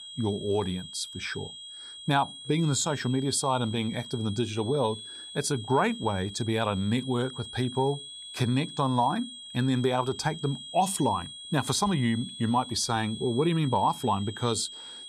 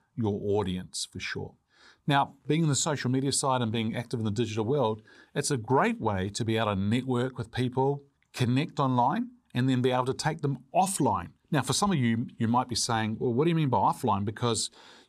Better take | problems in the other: second | high-pitched whine; noticeable; throughout; 3.5 kHz, 10 dB below the speech

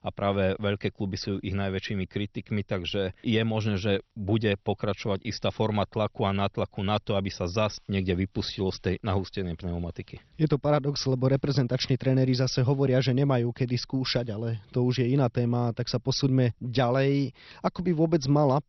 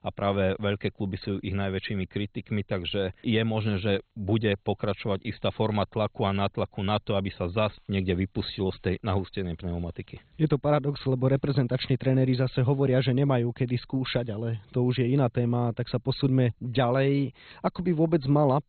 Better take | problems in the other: first | garbled, watery; badly; nothing above 4 kHz; slightly in the first

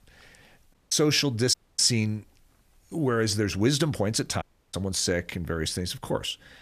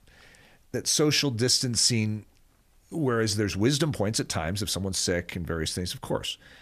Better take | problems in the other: second | audio cutting out; at 0.5 s, at 1.5 s and at 4.5 s

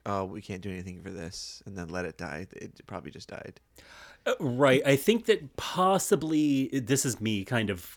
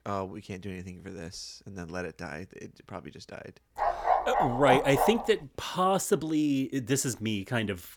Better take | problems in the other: first | dog barking; loud; from 4 to 5 s; peak 3 dB above the speech

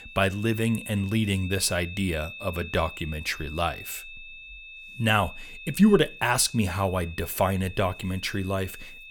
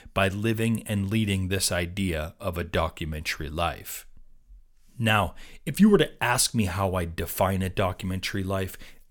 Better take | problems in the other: second | high-pitched whine; noticeable; throughout; 2.5 kHz, 15 dB below the speech

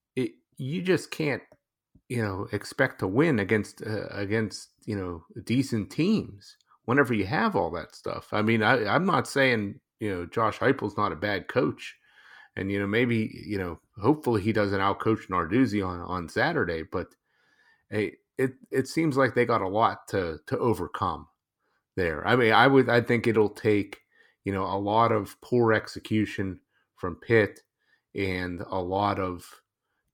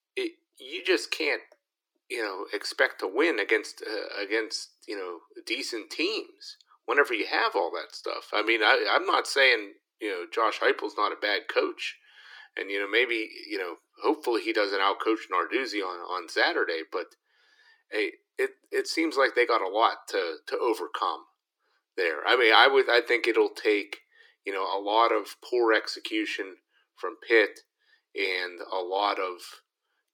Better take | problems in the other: first | thin; very; fading below 300 Hz

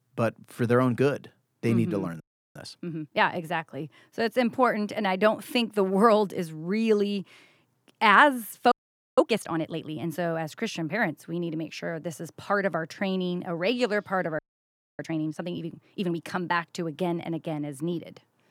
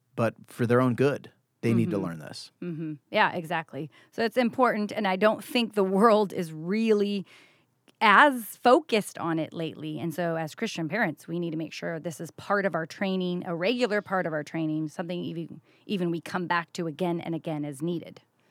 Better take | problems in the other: second | audio freezing; at 2 s, at 8.5 s and at 14 s for 0.5 s

